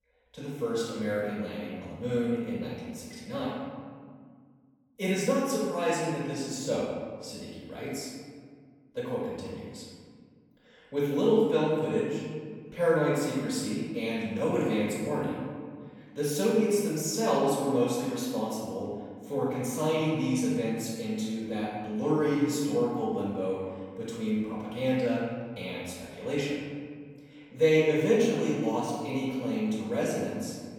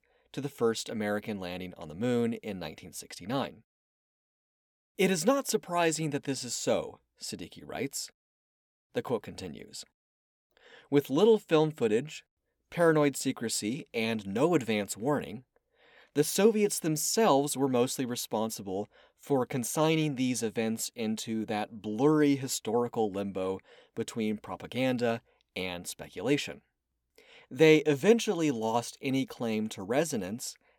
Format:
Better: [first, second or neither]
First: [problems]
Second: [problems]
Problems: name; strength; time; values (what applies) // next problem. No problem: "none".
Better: second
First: room echo; strong; dies away in 1.7 s // off-mic speech; far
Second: none